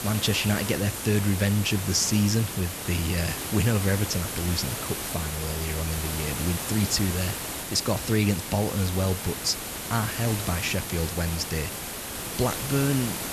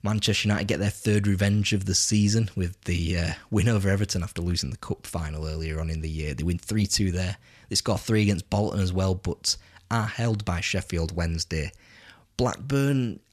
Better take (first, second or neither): second